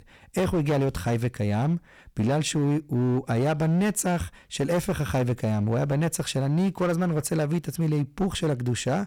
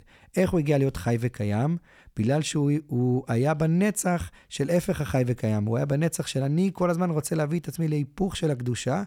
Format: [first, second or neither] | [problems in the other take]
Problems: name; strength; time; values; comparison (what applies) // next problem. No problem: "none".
second | distortion; slight; 13% of the sound clipped